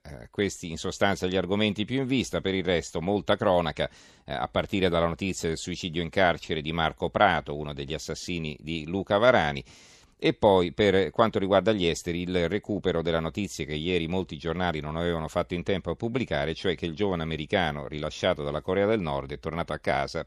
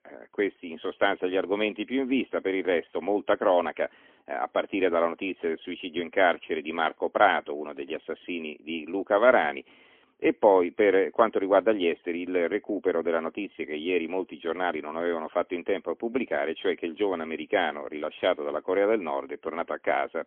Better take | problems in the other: first | phone-call audio; poor line; nothing above 3.5 kHz

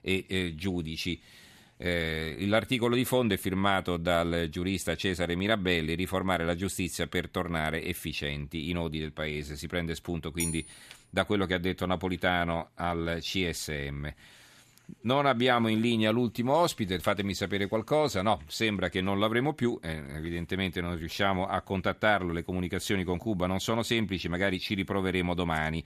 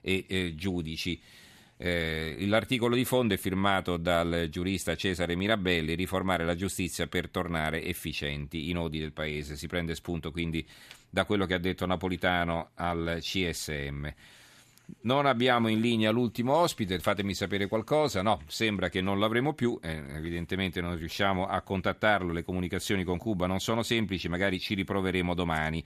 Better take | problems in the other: second | clattering dishes; noticeable; at 10 s; peak 5 dB below the speech

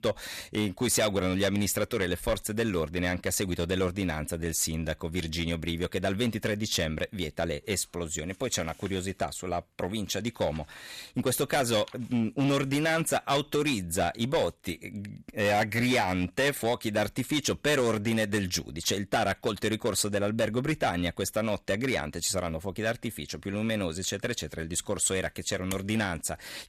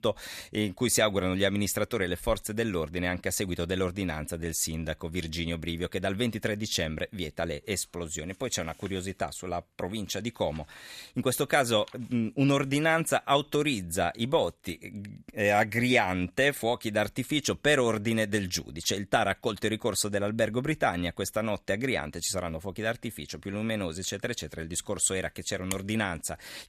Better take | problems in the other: second | distortion; slight; 6% of the sound clipped

